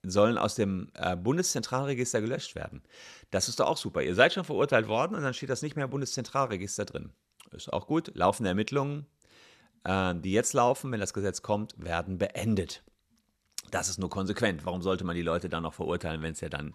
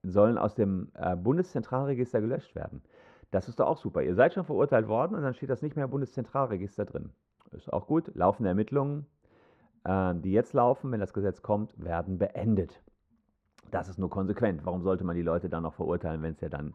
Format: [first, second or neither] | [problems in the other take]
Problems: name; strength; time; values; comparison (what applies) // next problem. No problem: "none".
first | muffled; very; fading above 2.5 kHz